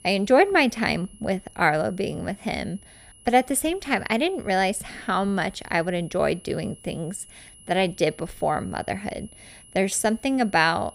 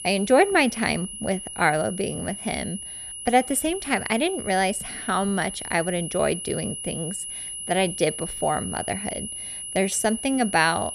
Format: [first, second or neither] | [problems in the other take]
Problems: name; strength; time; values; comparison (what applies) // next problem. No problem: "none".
first | high-pitched whine; loud; throughout; 10.5 kHz, 8 dB below the speech; faint in the first